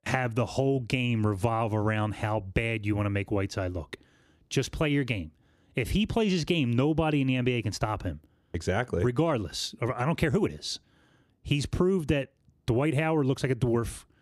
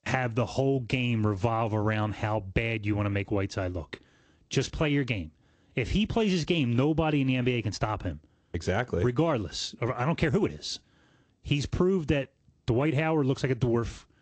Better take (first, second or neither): first